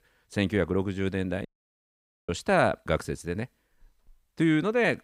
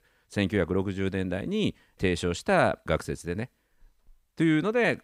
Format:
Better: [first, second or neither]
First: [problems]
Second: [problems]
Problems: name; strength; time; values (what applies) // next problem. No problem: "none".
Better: second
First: audio cutting out; at 1.5 s for 1 s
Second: none